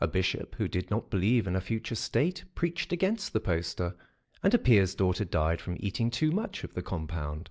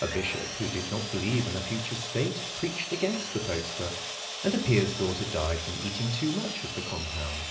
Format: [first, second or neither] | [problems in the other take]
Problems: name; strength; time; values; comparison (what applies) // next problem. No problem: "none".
first | background sound (Sawing); 5 dB below the speech // room echo; dies away in 0.5 s